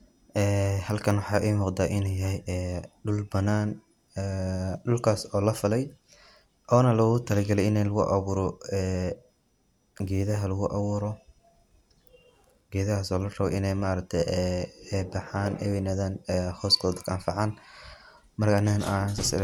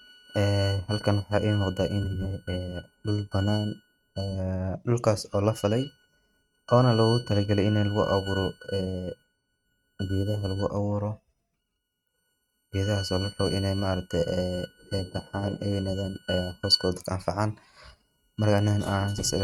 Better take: first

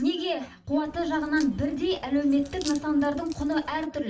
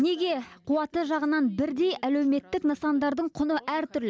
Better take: second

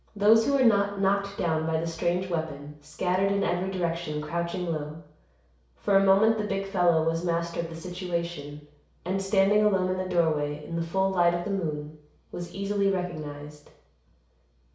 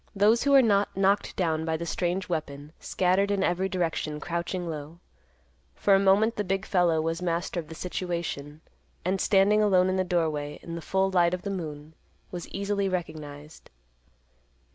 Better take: second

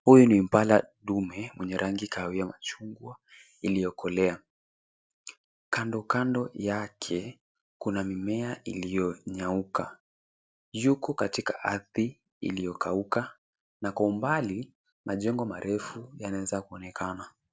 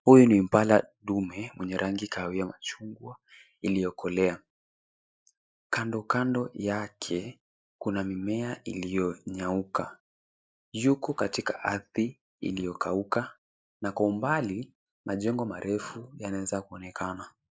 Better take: first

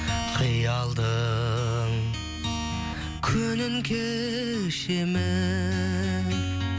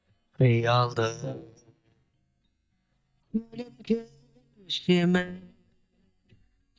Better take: first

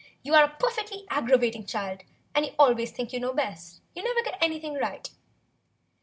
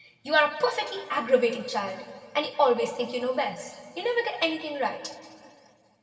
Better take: first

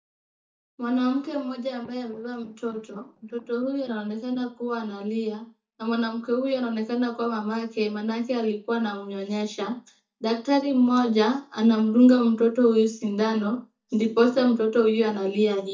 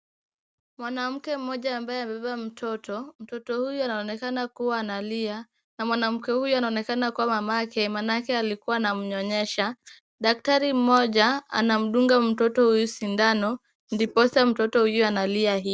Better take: second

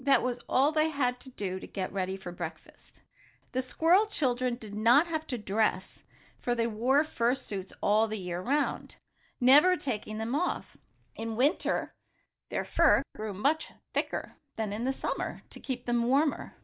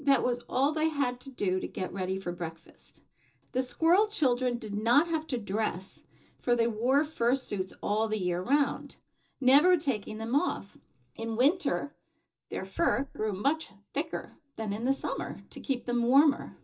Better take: first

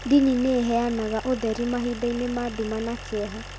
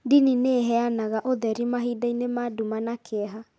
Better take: second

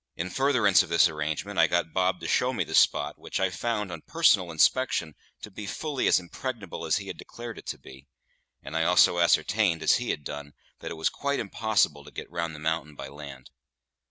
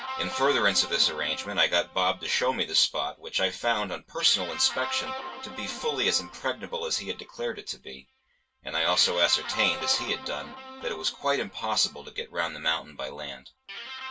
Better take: first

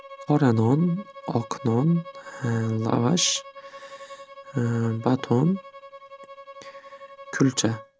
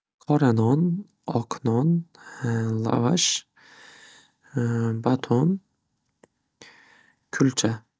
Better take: second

